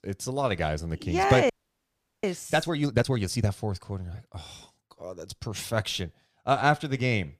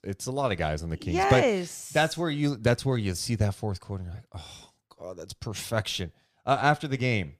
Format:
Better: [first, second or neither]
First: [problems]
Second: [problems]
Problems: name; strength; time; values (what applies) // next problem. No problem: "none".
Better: second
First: audio freezing; at 1.5 s for 0.5 s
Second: none